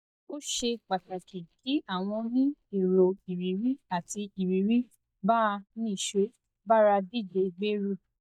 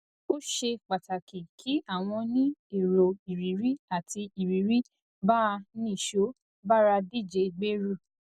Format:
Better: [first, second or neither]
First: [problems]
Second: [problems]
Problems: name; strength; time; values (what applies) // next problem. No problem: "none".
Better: second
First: noise reduction (neural mask model DeepFilterNet 3)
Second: none